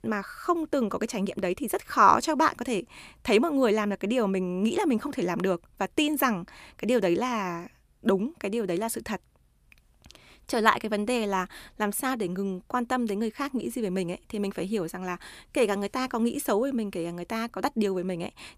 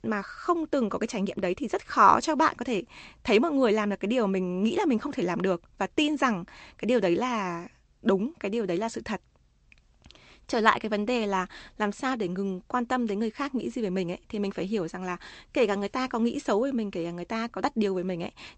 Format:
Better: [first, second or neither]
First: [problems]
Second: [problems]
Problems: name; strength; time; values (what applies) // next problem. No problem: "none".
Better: first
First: none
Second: garbled, watery; slightly; nothing above 8 kHz